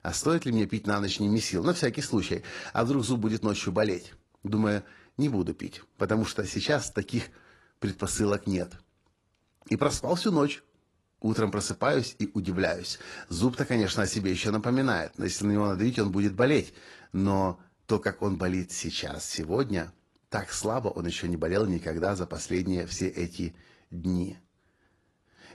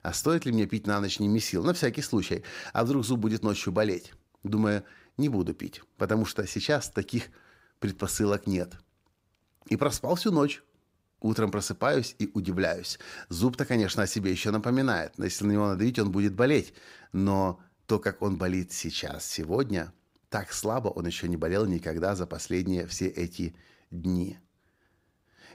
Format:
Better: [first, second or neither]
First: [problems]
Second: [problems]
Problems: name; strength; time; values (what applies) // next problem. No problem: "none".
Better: second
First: garbled, watery; slightly; nothing above 11.5 kHz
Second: none